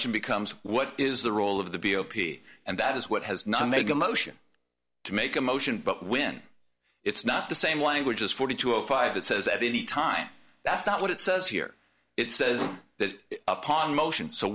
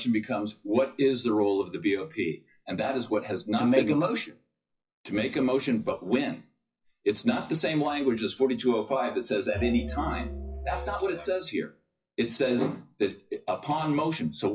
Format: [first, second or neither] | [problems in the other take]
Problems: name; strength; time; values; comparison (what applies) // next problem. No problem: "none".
first | noise reduction (classical method WPE with log-MMSE)